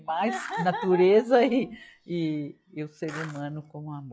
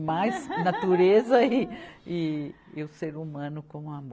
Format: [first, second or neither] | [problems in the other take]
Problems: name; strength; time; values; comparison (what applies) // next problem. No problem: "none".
second | noise reduction (classical method log-MMSE)